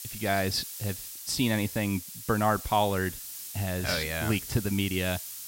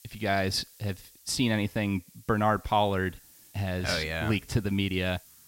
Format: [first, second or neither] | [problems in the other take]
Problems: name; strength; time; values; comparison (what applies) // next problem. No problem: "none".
second | hiss; loud; throughout; 9 dB below the speech; faint in the second